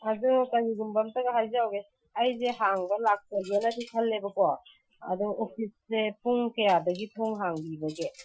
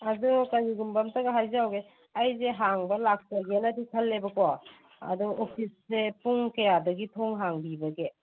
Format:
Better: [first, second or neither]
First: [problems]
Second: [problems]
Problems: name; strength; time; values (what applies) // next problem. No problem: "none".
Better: second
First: noise reduction (classical method Wiener filter)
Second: none